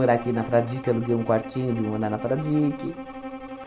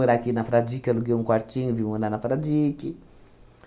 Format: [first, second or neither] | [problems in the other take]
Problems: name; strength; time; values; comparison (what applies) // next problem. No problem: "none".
second | background sound (Bowed string instrument); 12 dB below the speech